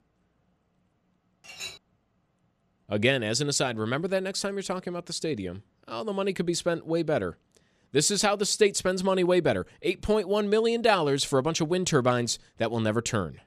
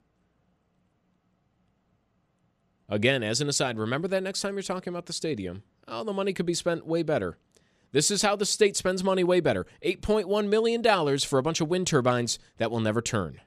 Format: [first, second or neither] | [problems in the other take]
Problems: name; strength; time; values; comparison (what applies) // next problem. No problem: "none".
second | clattering dishes; faint; at 1.5 s; peak 10 dB below the speech